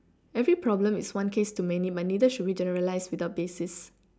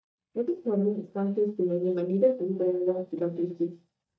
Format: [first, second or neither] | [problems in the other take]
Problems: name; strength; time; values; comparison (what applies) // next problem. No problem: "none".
first | noise reduction (neural mask model DeepFilterNet 3)